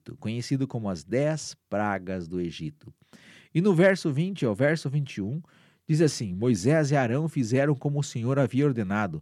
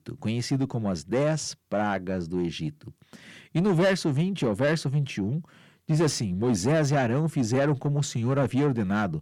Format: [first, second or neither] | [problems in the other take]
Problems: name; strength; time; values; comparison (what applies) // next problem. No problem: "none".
first | distortion; slight; 10 dB below the speech